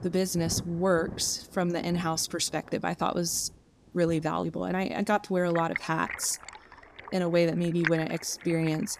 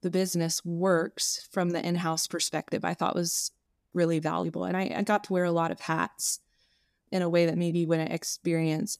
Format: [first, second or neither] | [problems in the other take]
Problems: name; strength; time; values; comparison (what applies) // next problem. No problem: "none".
second | rain or running water; noticeable; throughout; 10 dB below the speech